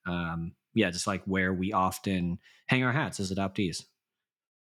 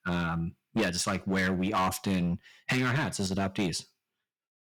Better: first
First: none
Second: distortion; heavy; 9% of the sound clipped

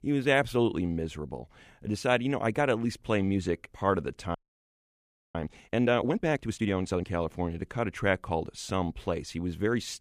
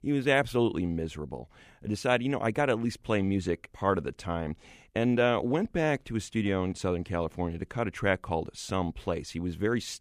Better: second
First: audio freezing; at 4.5 s for 1 s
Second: none

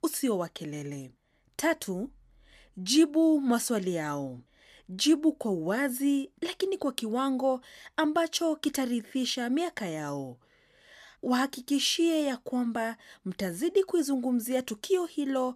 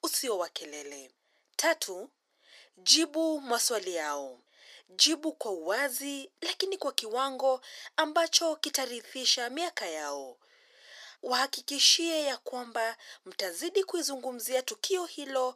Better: first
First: none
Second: thin; very; fading below 400 Hz

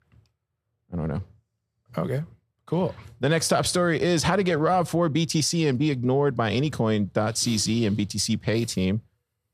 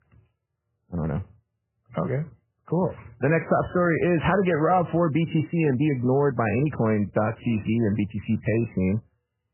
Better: first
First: none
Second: garbled, watery; badly; nothing above 3 kHz

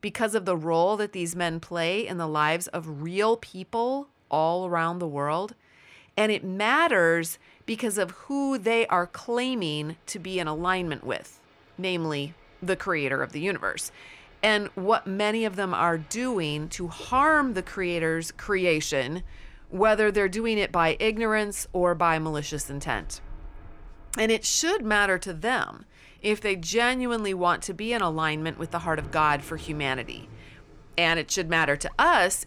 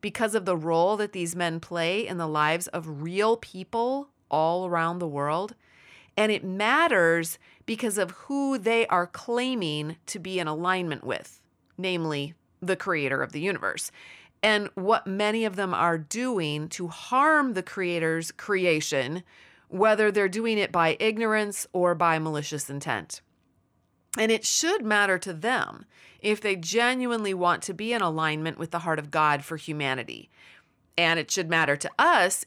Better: second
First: rain or running water; faint; throughout; 25 dB below the speech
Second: none

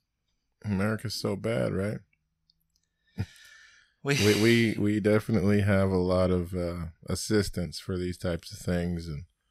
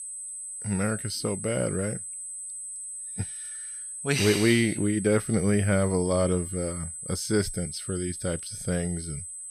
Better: first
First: none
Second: high-pitched whine; loud; throughout; 8 kHz, 8 dB below the speech

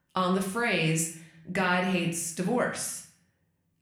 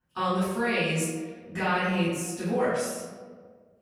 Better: first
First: room echo; slight; dies away in 0.5 s // off-mic speech; somewhat distant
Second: room echo; strong; dies away in 1.3 s // off-mic speech; far

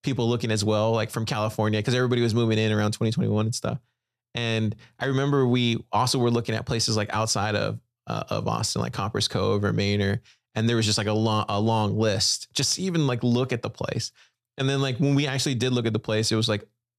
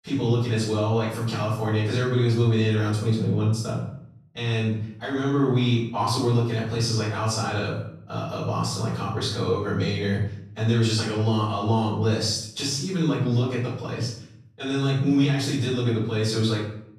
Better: first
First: none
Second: off-mic speech; far // room echo; noticeable; dies away in 0.6 s

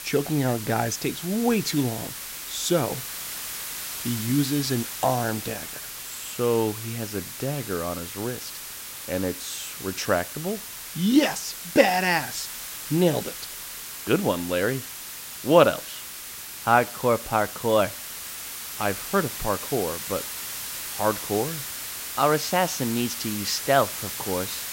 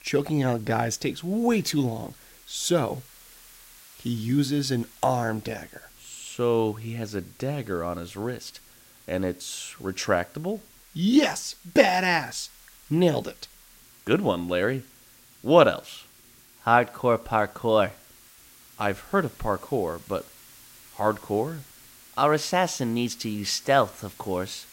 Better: second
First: hiss; loud; throughout; 7 dB below the speech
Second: hiss; faint; throughout; 25 dB below the speech

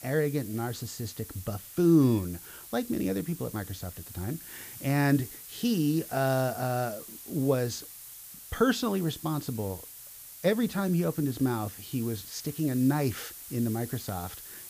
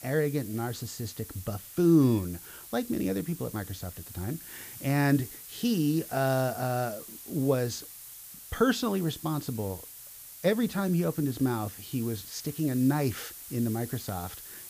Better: neither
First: hiss; noticeable; throughout; 15 dB below the speech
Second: hiss; noticeable; throughout; 15 dB below the speech

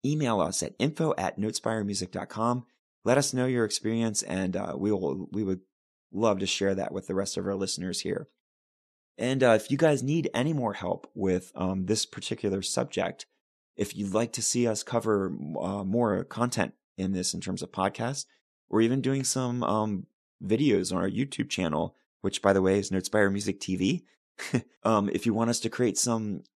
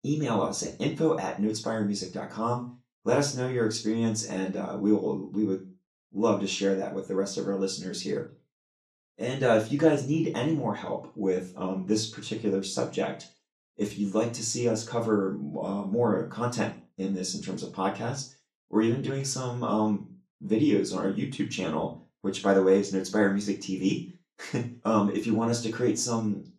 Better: first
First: none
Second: room echo; slight; dies away in 0.3 s // off-mic speech; far

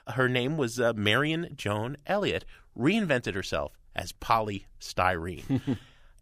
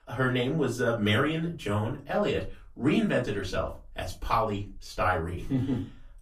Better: first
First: none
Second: off-mic speech; far // room echo; very slight; dies away in 0.3 s

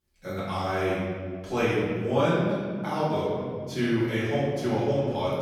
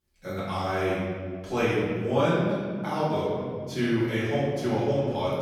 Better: neither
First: off-mic speech; far // room echo; strong; dies away in 1.8 s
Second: off-mic speech; far // room echo; strong; dies away in 1.8 s

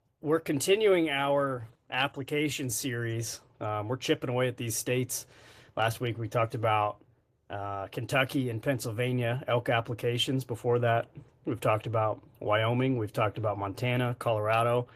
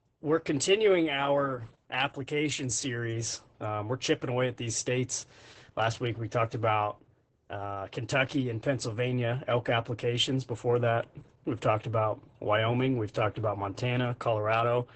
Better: first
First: garbled, watery; slightly; nothing above 14.5 kHz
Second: garbled, watery; badly; nothing above 8 kHz

